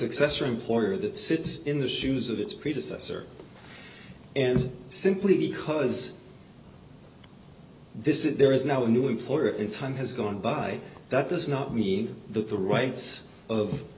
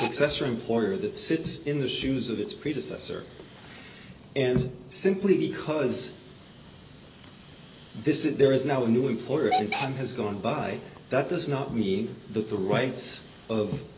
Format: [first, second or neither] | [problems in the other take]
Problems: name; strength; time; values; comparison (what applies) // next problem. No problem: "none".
first | background sound (Hiss / Alarm / Train); 14 dB below the speech